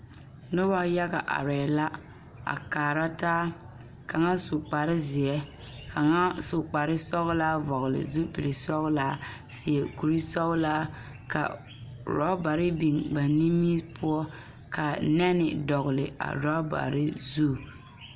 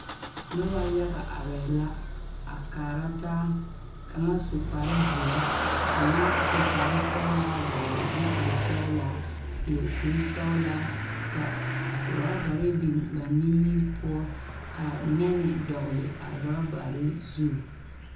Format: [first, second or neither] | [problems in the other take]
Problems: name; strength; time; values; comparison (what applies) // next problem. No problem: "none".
first | background sound (Engine starting / Motor vehicle (road)); 2 dB below the speech // room echo; dies away in 0.6 s